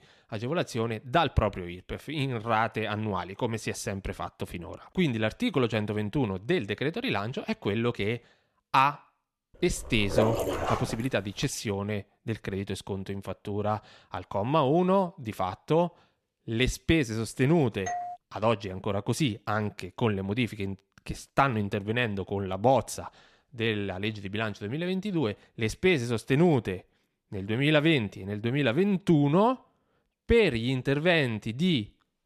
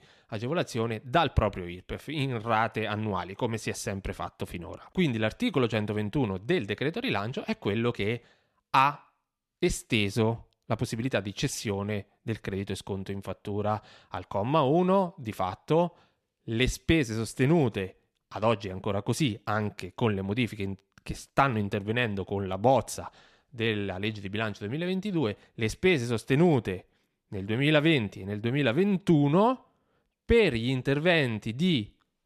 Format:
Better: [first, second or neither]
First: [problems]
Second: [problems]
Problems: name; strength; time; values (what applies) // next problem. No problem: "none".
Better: second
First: dog barking; loud; from 10 to 11 s; peak level with the speech // doorbell; noticeable; at 18 s; peak 7 dB below the speech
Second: none